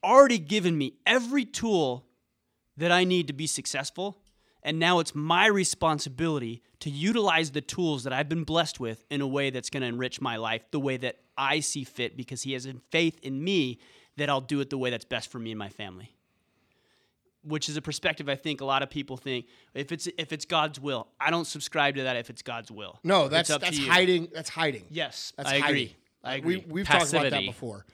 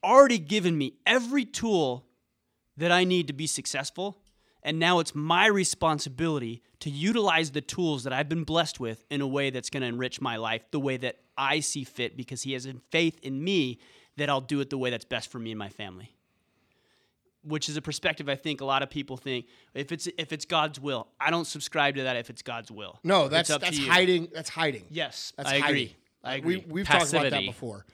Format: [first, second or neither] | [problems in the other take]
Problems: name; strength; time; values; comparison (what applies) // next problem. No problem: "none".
neither | none